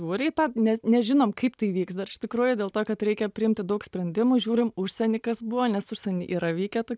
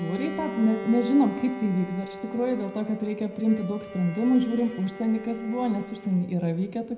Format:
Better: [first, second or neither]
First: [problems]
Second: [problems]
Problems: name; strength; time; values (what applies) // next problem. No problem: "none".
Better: first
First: none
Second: background sound (Bowed string instrument); 12 dB below the speech // room echo; dies away in 0.8 s